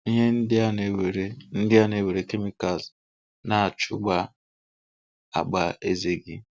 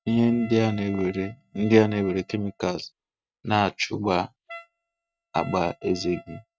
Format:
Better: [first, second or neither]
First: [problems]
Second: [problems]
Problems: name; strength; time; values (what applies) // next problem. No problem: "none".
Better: first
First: none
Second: noise reduction (neural mask model RNNoise)